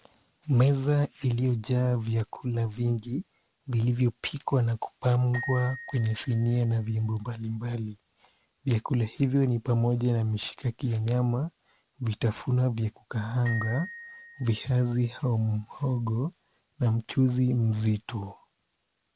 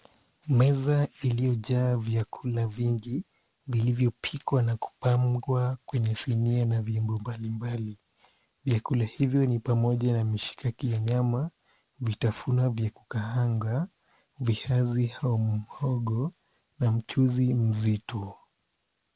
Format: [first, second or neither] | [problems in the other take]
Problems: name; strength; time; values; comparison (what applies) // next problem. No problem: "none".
second | background sound (Glockenspiel); 17 dB below the speech